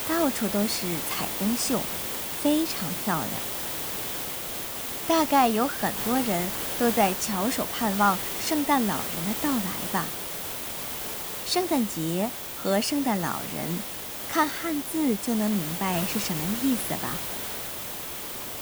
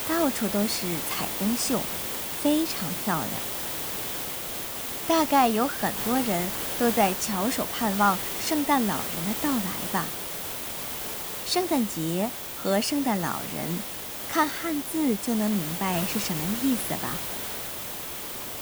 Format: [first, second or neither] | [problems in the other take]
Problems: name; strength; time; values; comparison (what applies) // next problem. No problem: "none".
neither | hiss; loud; throughout; 3 dB below the speech; the same in both